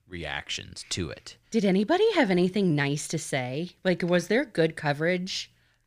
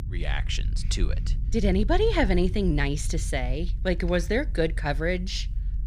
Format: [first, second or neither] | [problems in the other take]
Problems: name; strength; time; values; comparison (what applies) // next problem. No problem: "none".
first | low rumble; faint; throughout; 20 dB below the speech